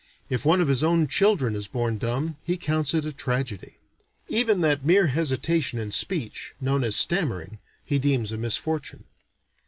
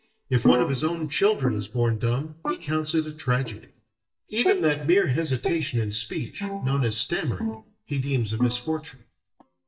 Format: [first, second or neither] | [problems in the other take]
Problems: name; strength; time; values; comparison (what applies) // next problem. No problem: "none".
first | noise reduction (neural mask model DeepFilterNet 3)